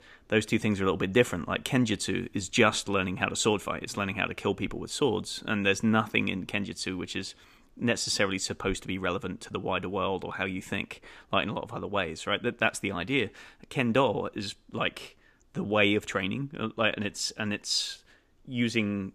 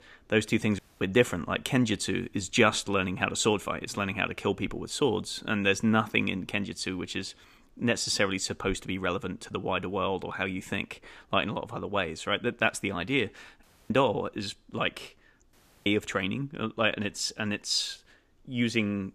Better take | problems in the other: first | audio cutting out; at 1 s, at 14 s and at 16 s

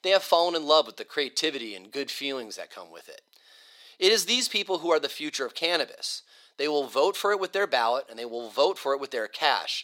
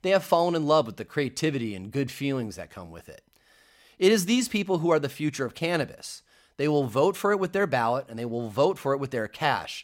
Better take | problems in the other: second | thin; somewhat; fading below 400 Hz

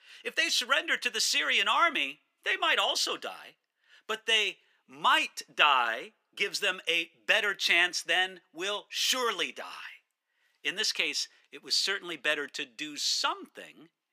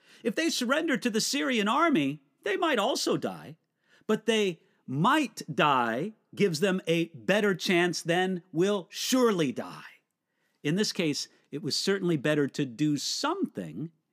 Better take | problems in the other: second | thin; very; fading below 750 Hz

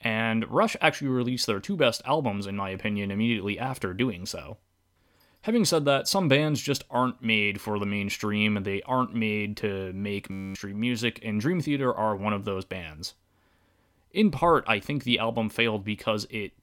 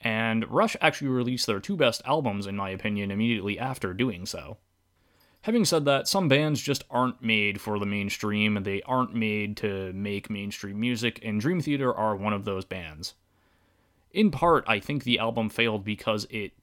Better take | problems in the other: second | audio freezing; at 10 s

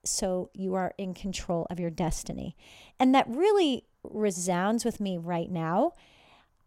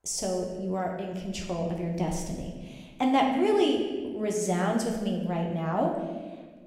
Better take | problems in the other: first | room echo; noticeable; dies away in 1.2 s // off-mic speech; somewhat distant

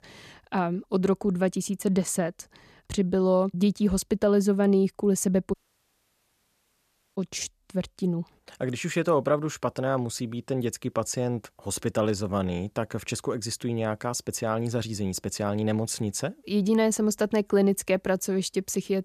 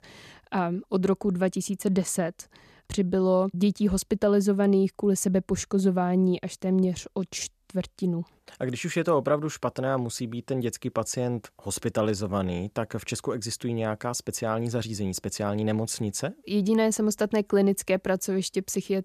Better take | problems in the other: second | audio cutting out; at 5.5 s for 1.5 s

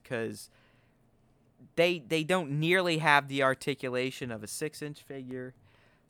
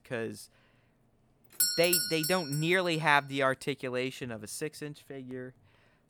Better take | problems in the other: first | doorbell; loud; at 1.5 s; peak 5 dB above the speech

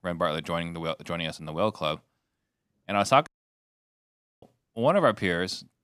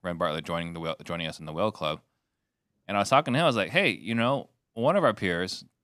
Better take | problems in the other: second | audio cutting out; at 3.5 s for 1 s

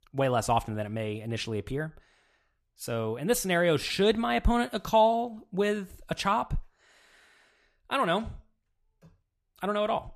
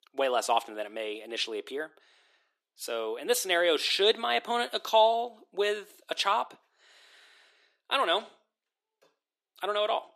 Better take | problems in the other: first | thin; very; fading below 300 Hz

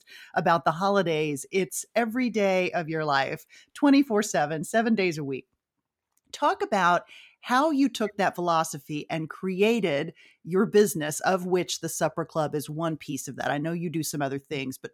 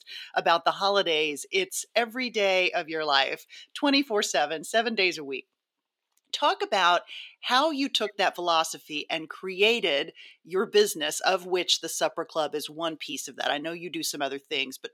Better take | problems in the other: first | thin; very slightly; fading below 400 Hz

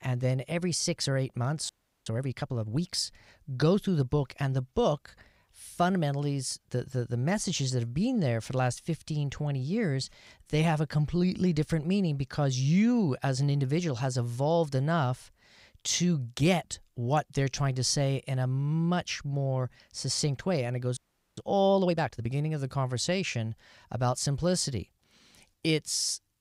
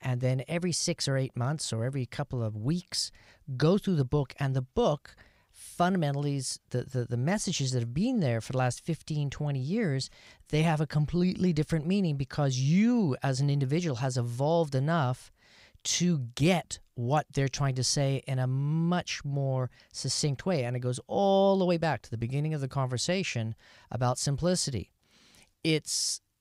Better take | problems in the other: second | audio freezing; at 1.5 s and at 21 s

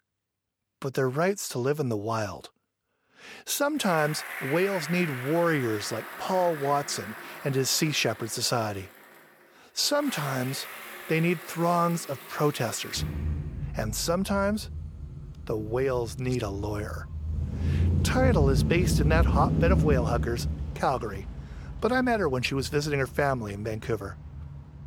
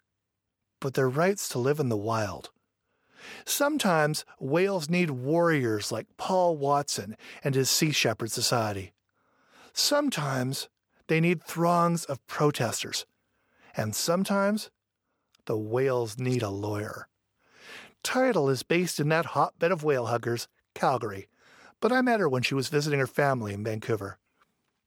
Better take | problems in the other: second | traffic noise; loud; throughout; 5 dB below the speech

